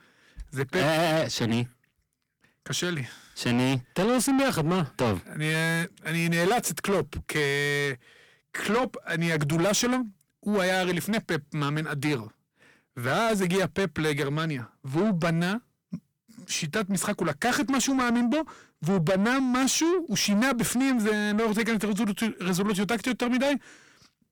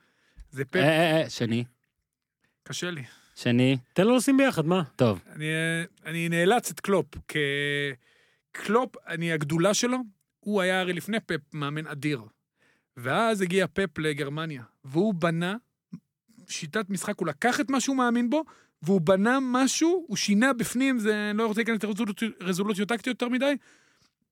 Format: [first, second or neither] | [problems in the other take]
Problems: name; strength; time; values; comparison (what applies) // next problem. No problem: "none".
second | distortion; heavy; 7 dB below the speech